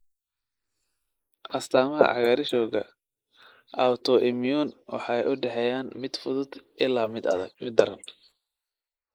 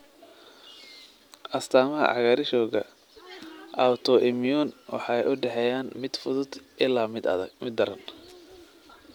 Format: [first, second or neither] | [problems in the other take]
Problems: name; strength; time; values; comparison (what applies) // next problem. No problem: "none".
second | noise reduction (neural mask model Resemble Enhance denoiser)